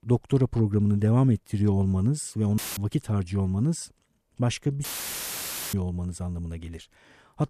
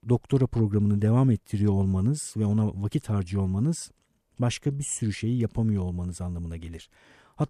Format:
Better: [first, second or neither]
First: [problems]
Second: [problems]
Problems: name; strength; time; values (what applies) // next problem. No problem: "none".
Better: second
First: audio cutting out; filled with static; at 2.5 s and at 5 s for 1 s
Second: none